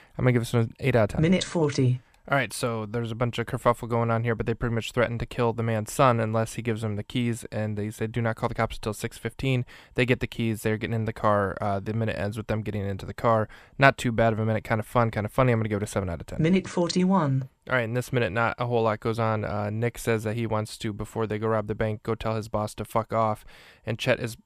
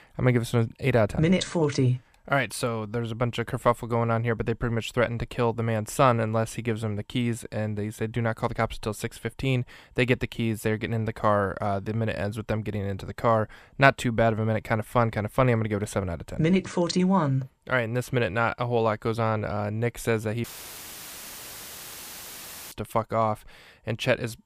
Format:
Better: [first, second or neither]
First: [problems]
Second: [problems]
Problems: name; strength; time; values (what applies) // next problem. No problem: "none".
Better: first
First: none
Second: audio cutting out; filled with static; at 20 s for 2.5 s